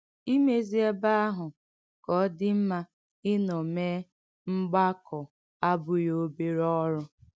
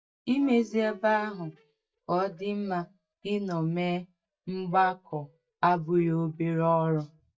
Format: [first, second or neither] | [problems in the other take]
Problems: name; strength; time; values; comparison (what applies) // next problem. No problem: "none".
first | noise reduction (neural mask model DeepFilterNet 3)